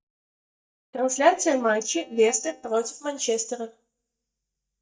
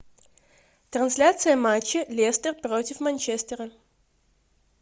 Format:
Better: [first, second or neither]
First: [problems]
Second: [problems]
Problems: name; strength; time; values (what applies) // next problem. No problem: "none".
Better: second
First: noise reduction (neural mask model DeepFilterNet 3)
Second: none